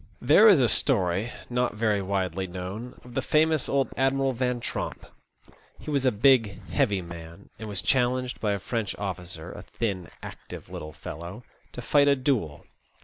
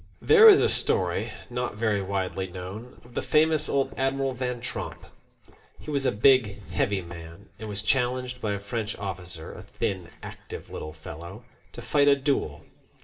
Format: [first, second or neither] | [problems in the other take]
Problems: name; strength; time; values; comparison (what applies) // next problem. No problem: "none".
first | room echo; dies away in 0.7 s